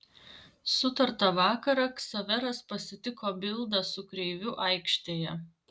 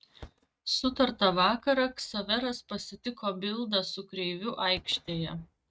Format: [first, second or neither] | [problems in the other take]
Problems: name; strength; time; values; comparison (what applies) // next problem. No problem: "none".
first | noise reduction (neural mask model RNNoise)